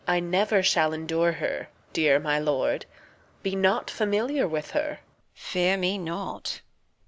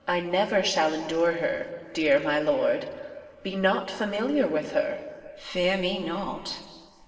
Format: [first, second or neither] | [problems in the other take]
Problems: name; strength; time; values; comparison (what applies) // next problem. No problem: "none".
first | room echo; dies away in 2 s